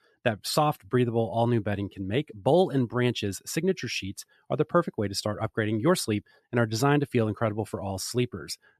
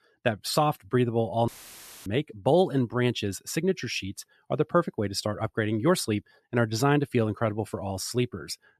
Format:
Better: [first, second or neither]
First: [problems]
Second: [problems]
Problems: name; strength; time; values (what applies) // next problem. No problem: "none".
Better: first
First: none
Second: audio cutting out; filled with static; at 1.5 s for 0.5 s